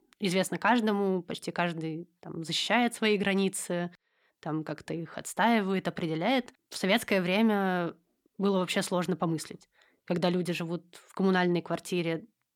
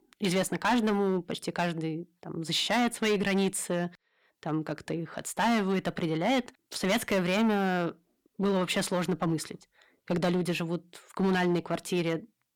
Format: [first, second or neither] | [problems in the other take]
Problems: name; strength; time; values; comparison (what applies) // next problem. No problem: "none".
first | distortion; slight; 7% of the sound clipped